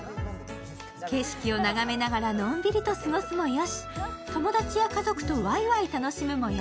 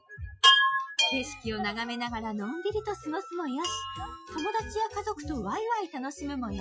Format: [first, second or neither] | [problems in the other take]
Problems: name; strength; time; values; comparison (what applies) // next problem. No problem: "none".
first | noise reduction (classical method Wiener filter)